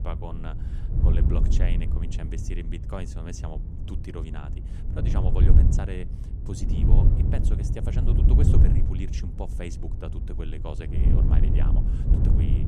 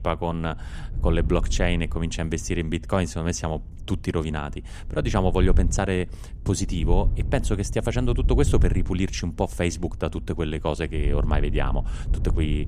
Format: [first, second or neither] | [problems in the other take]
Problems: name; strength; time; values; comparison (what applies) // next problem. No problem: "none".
second | wind noise on the microphone; heavy; 1 dB above the speech; occasional gusts in the second